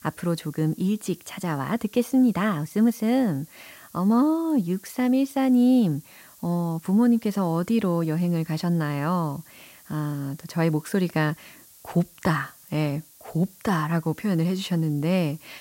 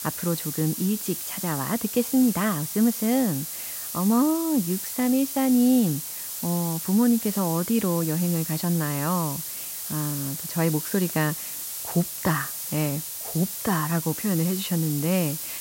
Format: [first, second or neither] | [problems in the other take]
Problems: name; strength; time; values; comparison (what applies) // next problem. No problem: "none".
first | hiss; loud; throughout; 5 dB below the speech; faint in the first